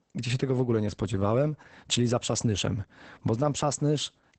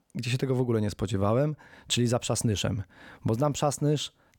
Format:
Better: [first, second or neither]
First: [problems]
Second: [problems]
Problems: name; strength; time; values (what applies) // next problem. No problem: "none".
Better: second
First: garbled, watery; badly; nothing above 8 kHz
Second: none